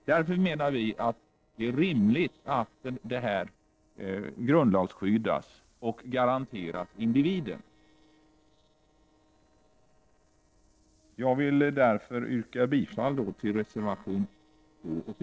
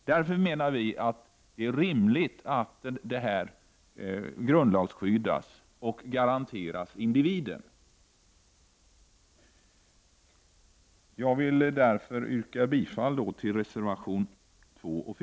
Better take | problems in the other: second | noise reduction (neural separator model SepFormer DNS4)

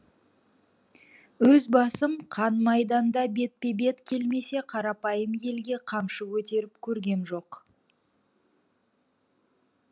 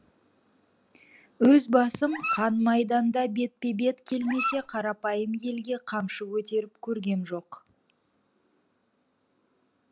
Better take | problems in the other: first | background sound (Dog); 7 dB below the speech

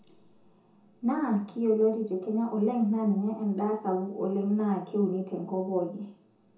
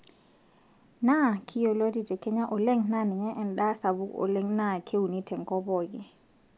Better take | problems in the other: second | room echo; dies away in 0.6 s

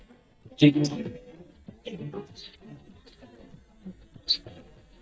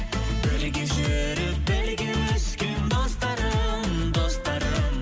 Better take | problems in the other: second | noise reduction (neural mask model DeepFilterNet 3)

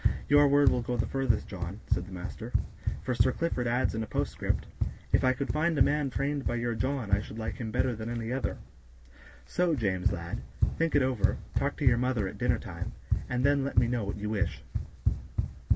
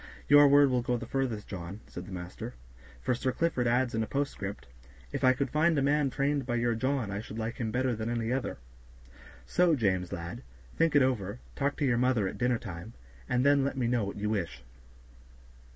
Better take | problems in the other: second | background sound (Run); as loud as the speech

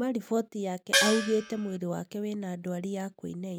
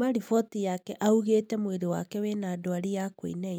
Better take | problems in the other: second | background sound (Gong); 3 dB above the speech

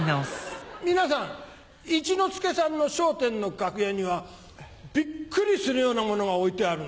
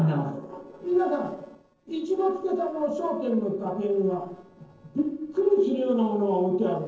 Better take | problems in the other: first | noise reduction (neural separator model SepFormer DNS4)

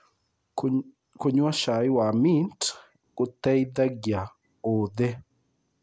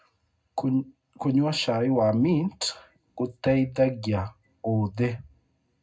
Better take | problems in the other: first | room echo; dies away in 0.3 s

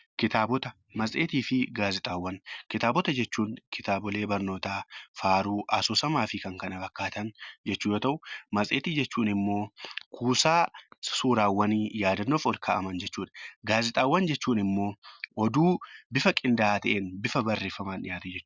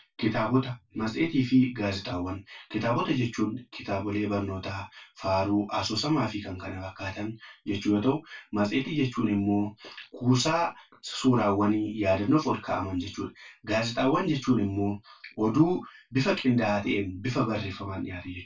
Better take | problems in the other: first | room echo; dies away in 0.2 s

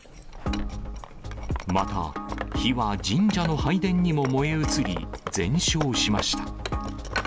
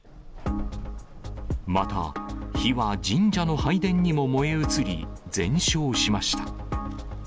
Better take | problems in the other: second | background sound (Wood); 12 dB below the speech

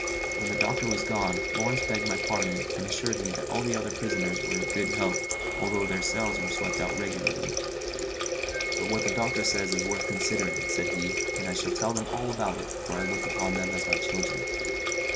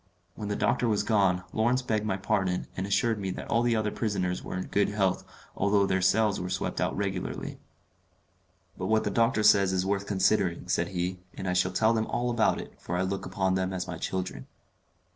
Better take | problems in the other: second | background sound (Wind instrument, woodwind instrument + Water tap, faucet); 3 dB above the speech

